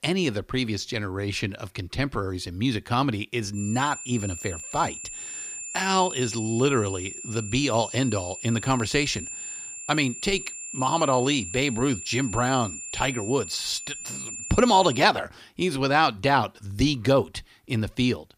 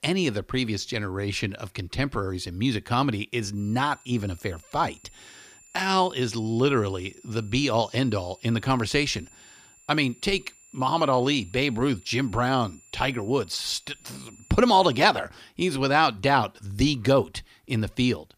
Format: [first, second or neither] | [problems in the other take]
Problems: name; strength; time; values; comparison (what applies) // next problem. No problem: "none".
second | high-pitched whine; loud; from 3.5 to 15 s; 7 kHz, 9 dB below the speech; faint in the second